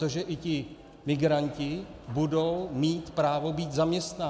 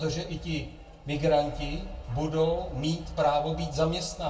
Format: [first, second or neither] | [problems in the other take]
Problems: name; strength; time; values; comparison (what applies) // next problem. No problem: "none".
first | room echo; dies away in 0.2 s